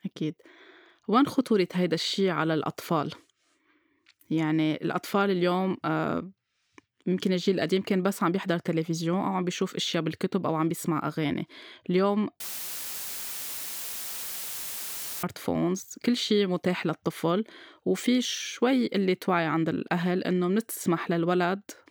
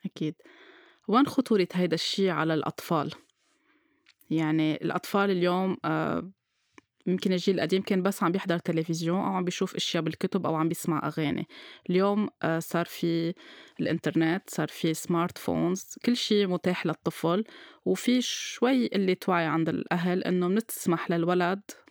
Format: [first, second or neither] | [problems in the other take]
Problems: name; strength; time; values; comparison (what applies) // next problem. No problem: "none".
second | audio cutting out; filled with static; at 12 s for 3 s